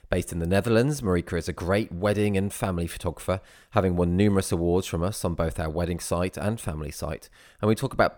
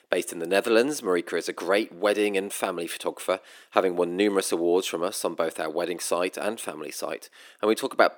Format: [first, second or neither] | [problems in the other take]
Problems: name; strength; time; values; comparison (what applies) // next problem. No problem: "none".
first | thin; somewhat; fading below 300 Hz